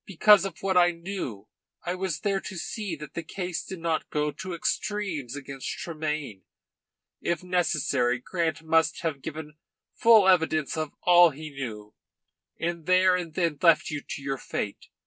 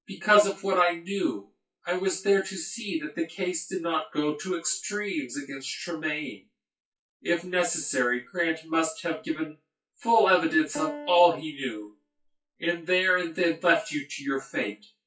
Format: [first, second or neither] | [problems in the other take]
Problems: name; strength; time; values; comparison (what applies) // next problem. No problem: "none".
first | noise reduction (classical method WPE with log-MMSE)